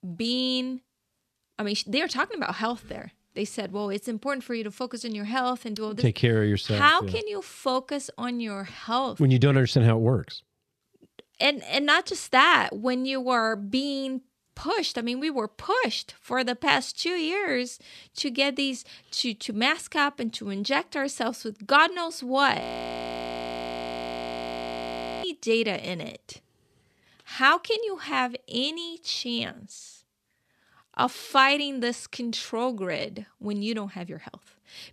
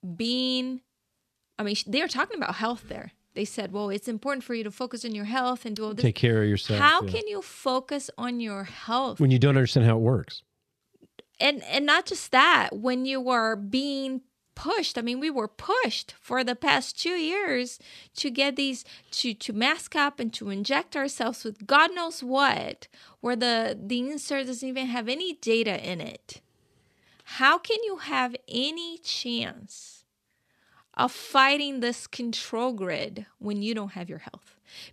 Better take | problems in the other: second | audio freezing; at 23 s for 2.5 s

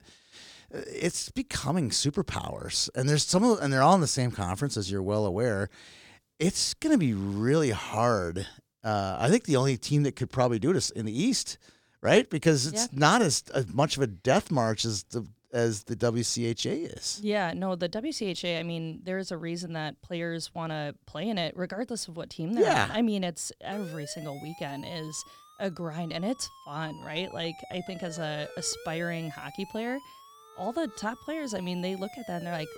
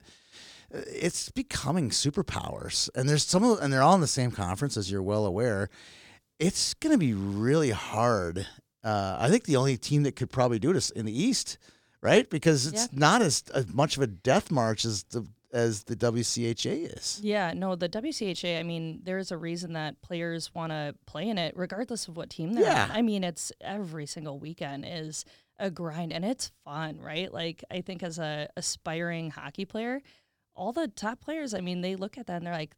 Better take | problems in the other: second | siren; faint; from 24 s on; peak 15 dB below the speech

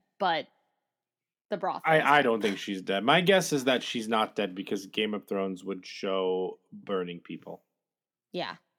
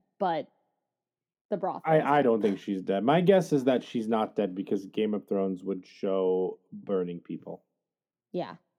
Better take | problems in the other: first | muffled; slightly; fading above 1 kHz

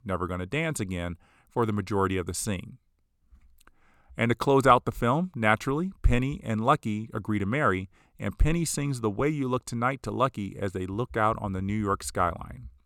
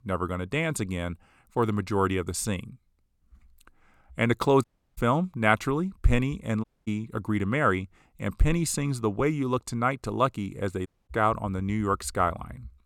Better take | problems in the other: first | audio cutting out; at 4.5 s, at 6.5 s and at 11 s

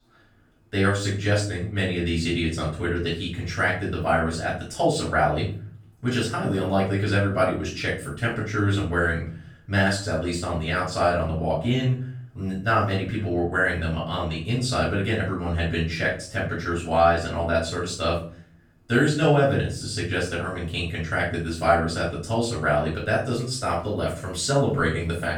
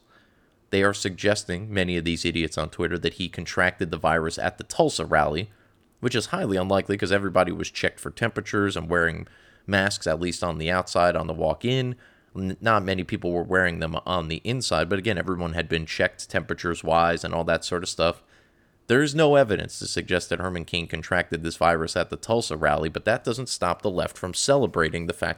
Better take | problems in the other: second | off-mic speech; far // room echo; noticeable; dies away in 0.5 s

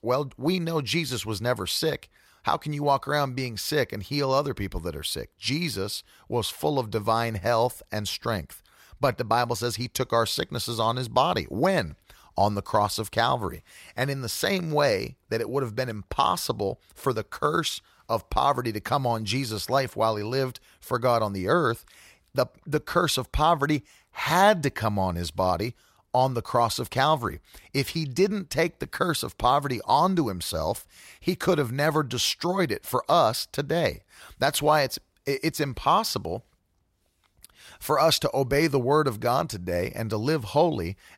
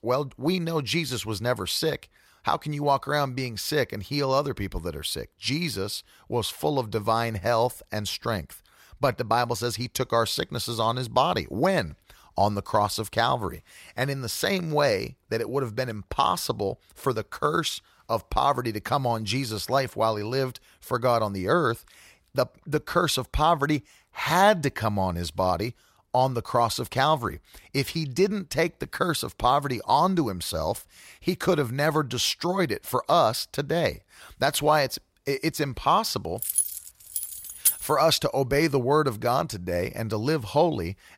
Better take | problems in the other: first | jangling keys; loud; from 36 to 38 s; peak 3 dB above the speech

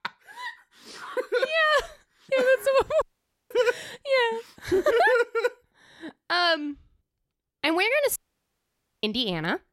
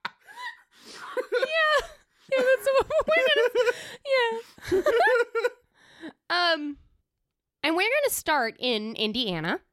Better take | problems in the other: second | audio cutting out; at 3 s and at 8 s for 1 s

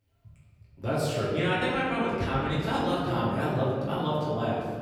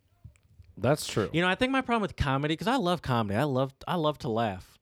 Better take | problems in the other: second | off-mic speech; far // room echo; noticeable; dies away in 2.5 s

